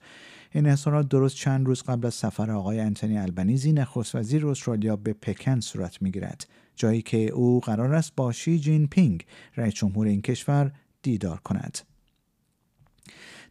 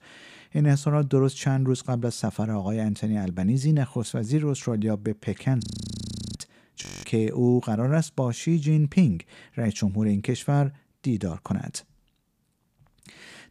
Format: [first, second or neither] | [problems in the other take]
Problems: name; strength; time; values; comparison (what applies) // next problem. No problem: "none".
first | audio freezing; at 5.5 s for 0.5 s and at 7 s